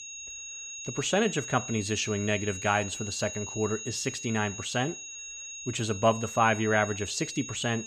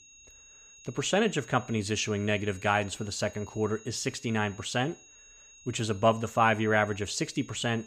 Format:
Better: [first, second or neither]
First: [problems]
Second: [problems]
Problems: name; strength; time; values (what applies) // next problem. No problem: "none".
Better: second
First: high-pitched whine; loud; throughout; 6.5 kHz, 8 dB below the speech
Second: high-pitched whine; faint; throughout; 6.5 kHz, 20 dB below the speech